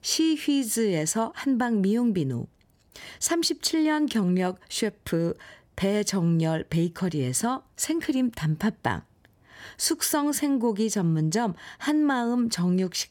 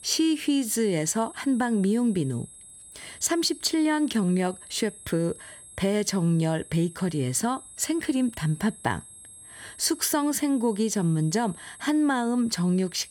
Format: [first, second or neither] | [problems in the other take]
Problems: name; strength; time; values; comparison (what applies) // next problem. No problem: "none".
first | high-pitched whine; noticeable; throughout; 8 kHz, 20 dB below the speech